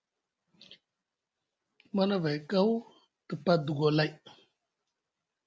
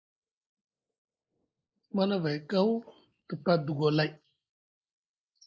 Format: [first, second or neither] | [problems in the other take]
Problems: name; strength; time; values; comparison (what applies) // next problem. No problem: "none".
first | noise reduction (neural mask model Resemble Enhance denoiser)